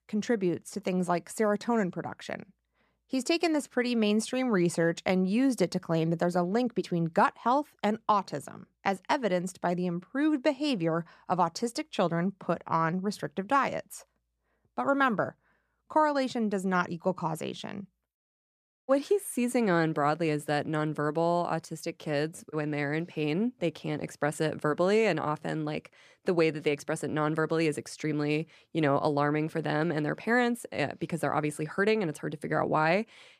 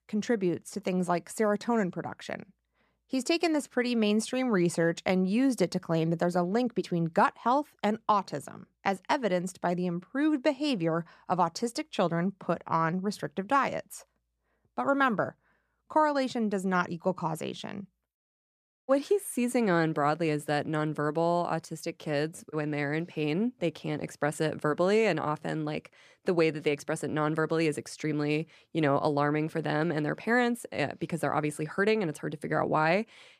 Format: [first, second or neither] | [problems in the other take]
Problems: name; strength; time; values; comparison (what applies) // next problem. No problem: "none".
neither | none